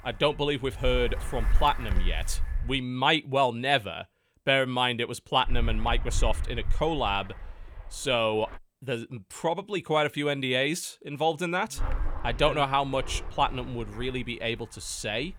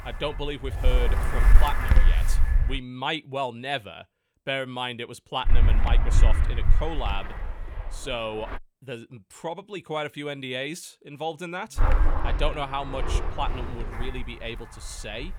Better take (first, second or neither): first